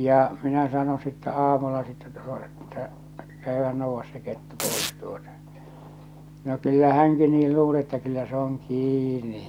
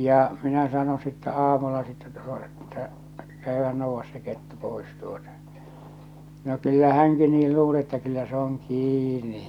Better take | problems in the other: second | background sound (Domestic sounds, home sounds); 8 dB below the speech

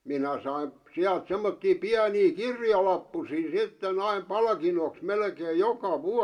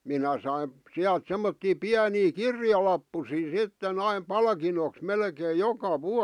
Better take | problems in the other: second | room echo; dies away in 0.3 s

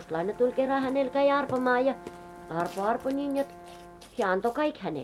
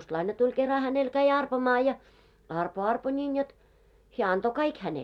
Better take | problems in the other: second | background sound (Burping, eructation + Brass instrument); 17 dB below the speech

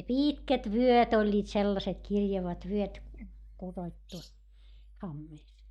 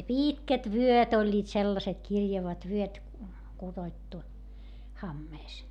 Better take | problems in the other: second | noise reduction (neural mask model DeepFilterNet 3)

